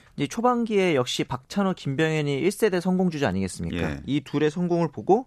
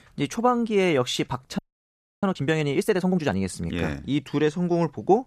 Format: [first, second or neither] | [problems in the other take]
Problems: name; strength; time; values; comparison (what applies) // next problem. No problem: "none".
first | audio freezing; at 1.5 s for 0.5 s